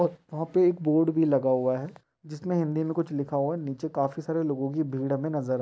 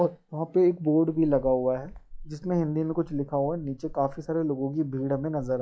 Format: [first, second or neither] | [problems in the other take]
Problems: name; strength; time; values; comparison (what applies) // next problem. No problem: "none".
first | noise reduction (classical method log-MMSE)